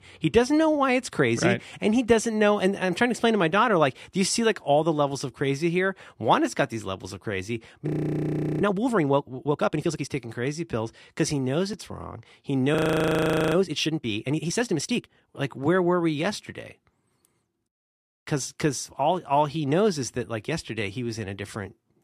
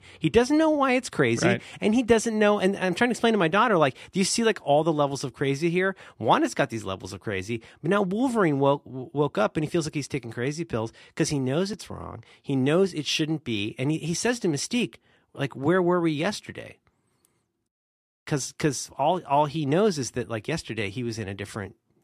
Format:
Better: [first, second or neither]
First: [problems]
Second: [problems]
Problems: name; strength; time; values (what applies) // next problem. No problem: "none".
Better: second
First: audio freezing; at 8 s for 0.5 s and at 13 s for 1 s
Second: none